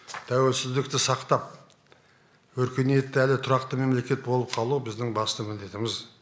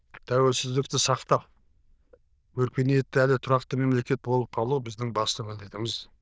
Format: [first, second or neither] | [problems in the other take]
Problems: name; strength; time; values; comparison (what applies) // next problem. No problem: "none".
first | noise reduction (neural diffusion model UNIVERSE++)